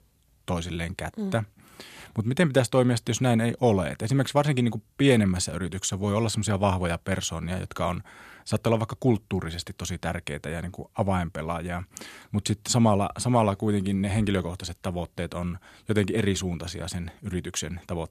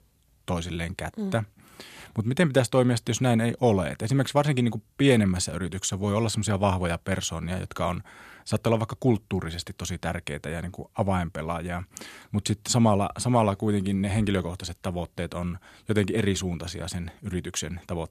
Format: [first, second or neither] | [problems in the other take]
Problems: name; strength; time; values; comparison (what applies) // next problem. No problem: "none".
neither | none